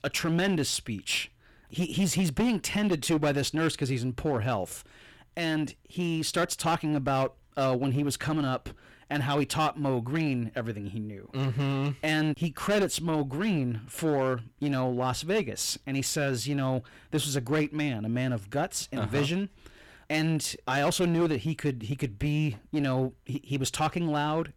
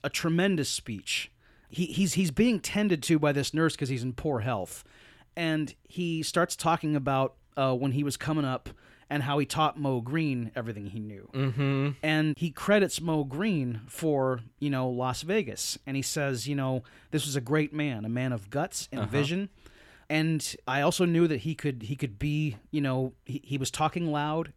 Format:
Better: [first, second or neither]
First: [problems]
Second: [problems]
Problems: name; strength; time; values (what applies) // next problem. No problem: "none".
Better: second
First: distortion; slight; 10% of the sound clipped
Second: none